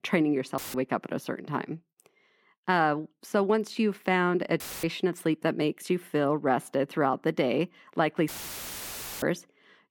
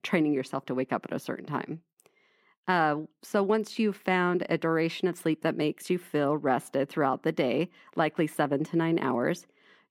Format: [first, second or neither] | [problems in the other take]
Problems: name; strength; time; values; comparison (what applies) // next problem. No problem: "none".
second | audio cutting out; filled with static; at 0.5 s, at 4.5 s and at 8.5 s for 1 s